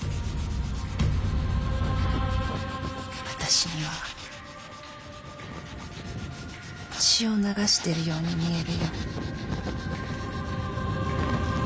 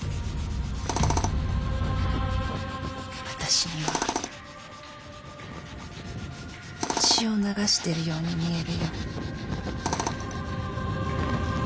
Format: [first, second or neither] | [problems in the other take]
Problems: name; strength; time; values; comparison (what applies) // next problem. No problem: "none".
first | background sound (Tools); 9 dB below the speech